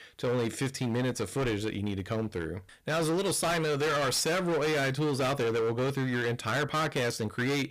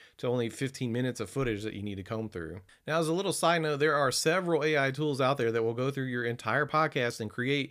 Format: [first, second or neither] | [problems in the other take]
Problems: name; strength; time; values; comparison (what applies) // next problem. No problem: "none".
second | distortion; heavy; 25% of the sound clipped